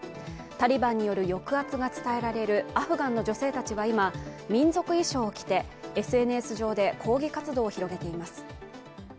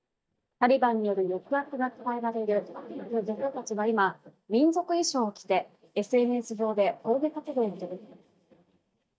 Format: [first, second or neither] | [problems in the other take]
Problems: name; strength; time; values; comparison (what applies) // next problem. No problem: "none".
first | noise reduction (neural mask model DeepFilterNet 3)